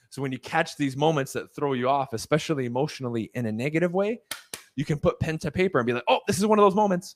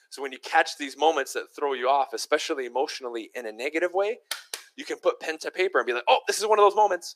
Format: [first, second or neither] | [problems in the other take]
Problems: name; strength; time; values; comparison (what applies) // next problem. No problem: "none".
first | thin; very; fading below 350 Hz